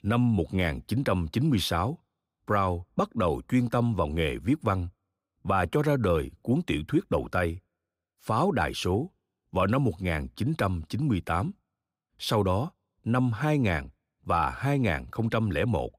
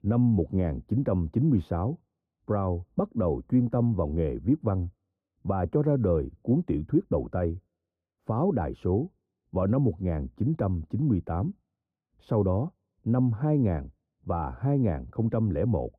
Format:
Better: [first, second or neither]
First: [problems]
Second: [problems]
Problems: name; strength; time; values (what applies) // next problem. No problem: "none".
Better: first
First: none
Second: muffled; very; fading above 1.5 kHz